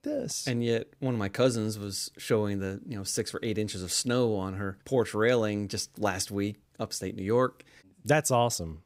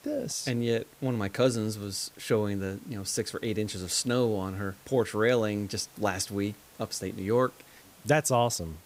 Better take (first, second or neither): first